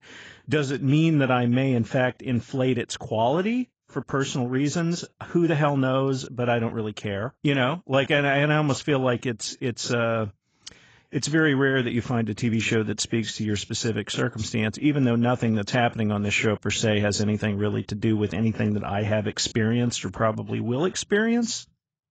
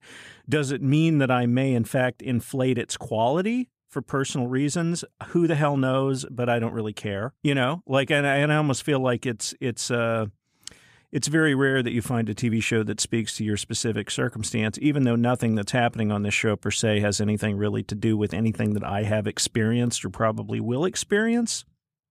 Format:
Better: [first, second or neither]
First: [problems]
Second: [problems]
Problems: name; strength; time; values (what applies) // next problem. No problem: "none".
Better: second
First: garbled, watery; badly; nothing above 7.5 kHz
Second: none